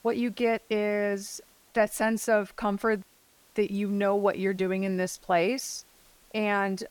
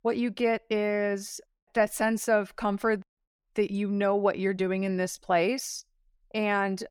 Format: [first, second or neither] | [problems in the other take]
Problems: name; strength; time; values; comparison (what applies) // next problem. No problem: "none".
second | hiss; faint; throughout; 30 dB below the speech